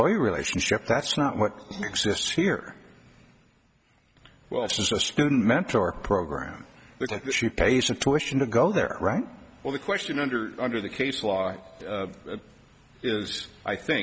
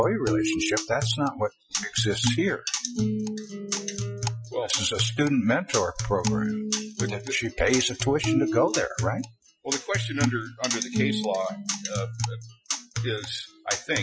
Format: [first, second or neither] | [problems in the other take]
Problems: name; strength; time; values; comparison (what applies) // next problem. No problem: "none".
first | noise reduction (classical method Wiener filter)